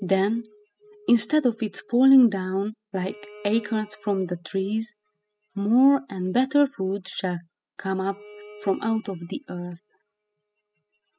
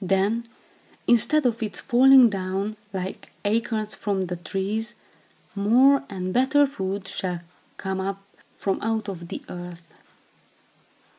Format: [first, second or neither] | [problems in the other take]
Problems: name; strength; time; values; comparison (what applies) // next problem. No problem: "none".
second | noise reduction (classical method spectral subtraction)